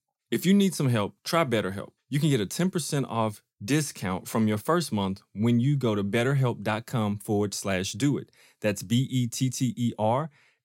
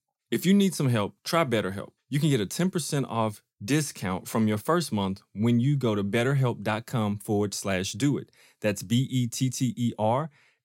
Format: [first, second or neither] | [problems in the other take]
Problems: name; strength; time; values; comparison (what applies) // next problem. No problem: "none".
neither | none